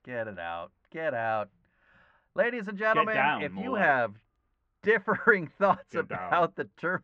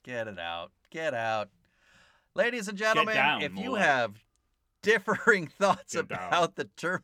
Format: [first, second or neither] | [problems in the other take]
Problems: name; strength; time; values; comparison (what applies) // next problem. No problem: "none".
second | muffled; very; fading above 1.5 kHz